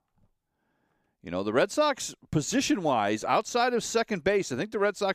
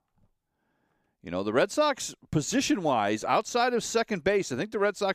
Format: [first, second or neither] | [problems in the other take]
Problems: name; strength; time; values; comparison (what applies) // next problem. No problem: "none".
neither | none